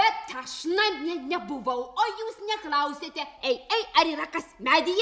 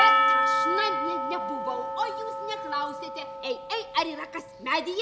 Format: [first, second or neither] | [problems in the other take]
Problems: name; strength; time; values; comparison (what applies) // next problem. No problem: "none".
first | background sound (Percussion); 4 dB above the speech